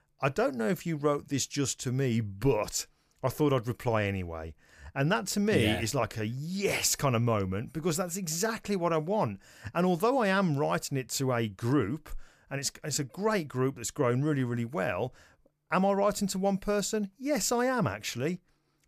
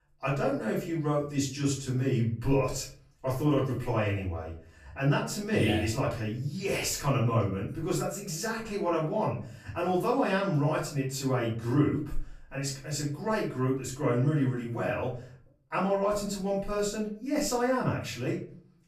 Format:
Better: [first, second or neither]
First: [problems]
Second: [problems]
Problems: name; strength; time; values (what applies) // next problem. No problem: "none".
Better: first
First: none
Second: off-mic speech; far // room echo; slight; dies away in 0.4 s